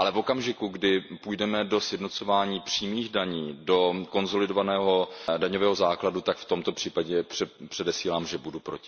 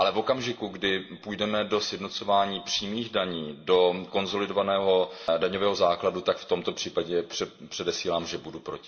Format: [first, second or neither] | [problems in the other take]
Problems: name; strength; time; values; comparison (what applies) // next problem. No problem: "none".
first | room echo; dies away in 0.4 s